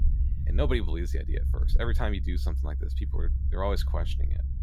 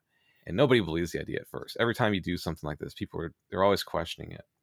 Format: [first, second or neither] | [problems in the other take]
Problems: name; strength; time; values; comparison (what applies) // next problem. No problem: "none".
second | low rumble; noticeable; throughout; 15 dB below the speech